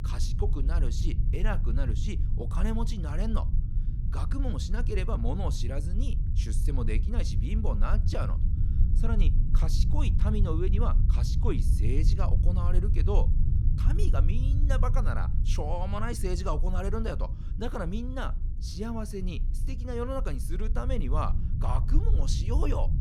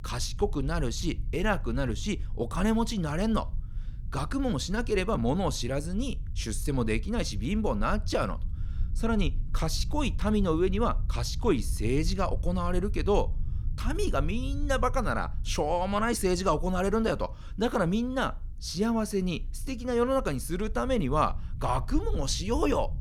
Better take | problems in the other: second | low rumble; loud; throughout; 8 dB below the speech; faint in the second

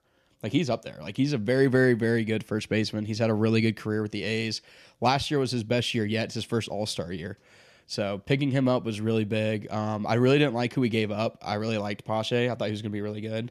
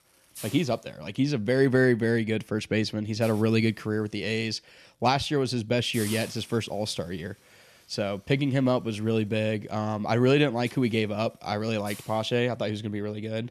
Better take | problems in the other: first | hiss; noticeable; throughout; 15 dB below the speech

